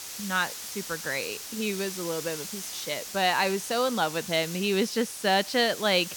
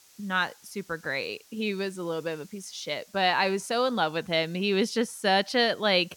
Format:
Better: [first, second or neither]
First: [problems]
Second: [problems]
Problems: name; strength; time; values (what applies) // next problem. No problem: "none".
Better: second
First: hiss; loud; throughout; 9 dB below the speech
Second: hiss; faint; throughout; 25 dB below the speech